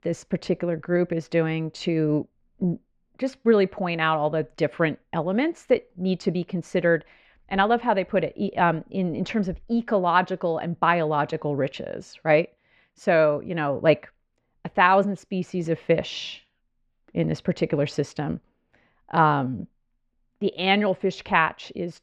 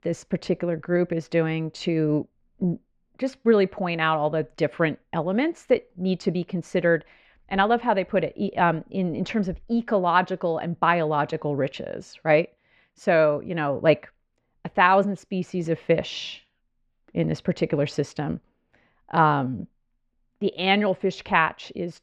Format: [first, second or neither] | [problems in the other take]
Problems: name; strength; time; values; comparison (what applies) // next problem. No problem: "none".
neither | muffled; very; fading above 2 kHz; the same in both